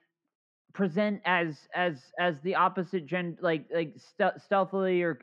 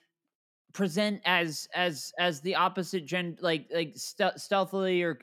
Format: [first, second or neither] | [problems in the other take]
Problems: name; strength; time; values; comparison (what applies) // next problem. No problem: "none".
second | muffled; very; fading above 1.5 kHz